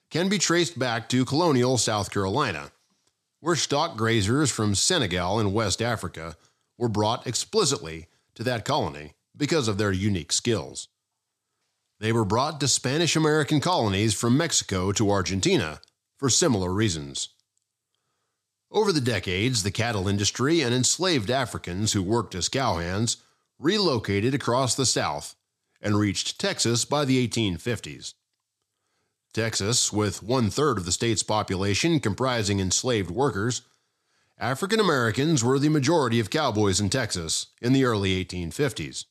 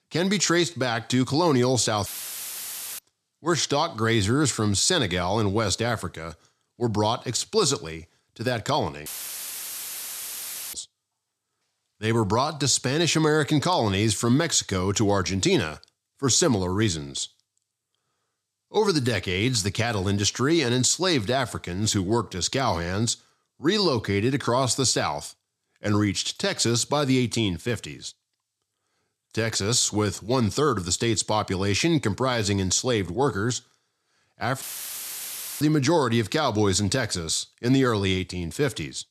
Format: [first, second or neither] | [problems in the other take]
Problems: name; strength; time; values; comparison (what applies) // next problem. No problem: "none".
first | audio cutting out; filled with static; at 2 s for 1 s, at 9 s for 1.5 s and at 35 s for 1 s